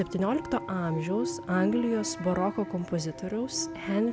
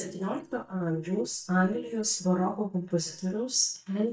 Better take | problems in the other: first | noise reduction (neural mask model DeepFilterNet 3)

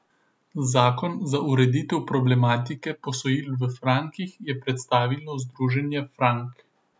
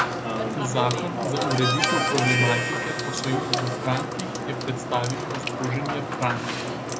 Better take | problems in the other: first | background sound (Sink (filling or washing) / Water tap, faucet / Water + Harmonica); 2 dB above the speech

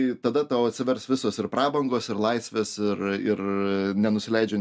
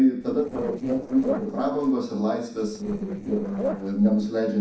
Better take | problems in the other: first | noise reduction (neural separator model SepFormer DNS4)

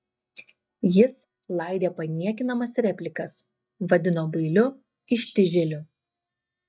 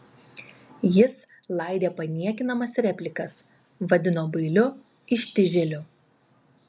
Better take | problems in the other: second | noise reduction (neural mask model DeepFilterNet 3)

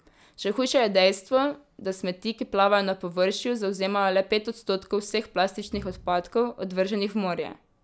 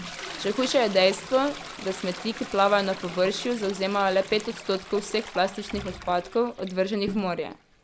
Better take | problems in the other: first | background sound (Toilet flush); 13 dB below the speech

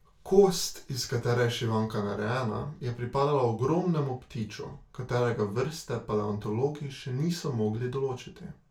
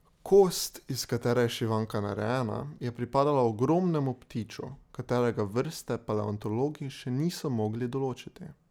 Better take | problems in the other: second | room echo; dies away in 0.3 s

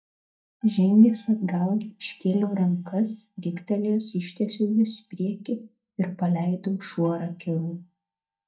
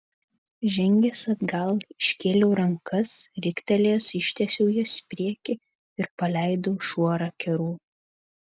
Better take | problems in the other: second | noise reduction (neural mask model DeepFilterNet 3)

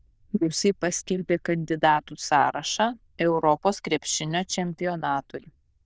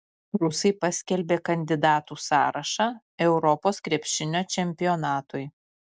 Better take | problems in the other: second | noise reduction (neural diffusion model UNIVERSE++)

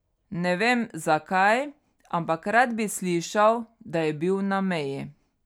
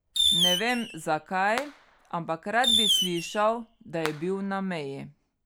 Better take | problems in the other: first | background sound (Fireworks); 1 dB above the speech

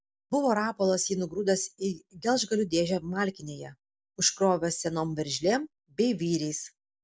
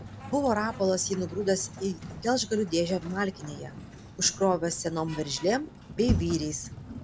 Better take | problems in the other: first | background sound (Sliding door); 9 dB below the speech

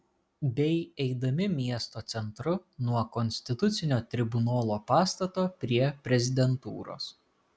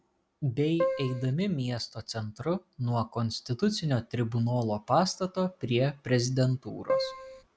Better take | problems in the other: first | background sound (Keyboard (musical)); 2 dB below the speech

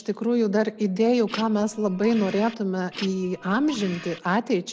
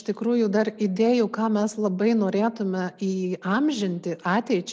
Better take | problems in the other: second | background sound (Printer); 15 dB below the speech

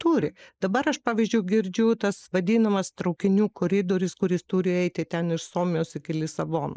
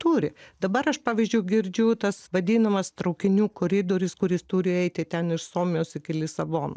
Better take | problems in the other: second | noise reduction (neural mask model Resemble Enhance denoiser)

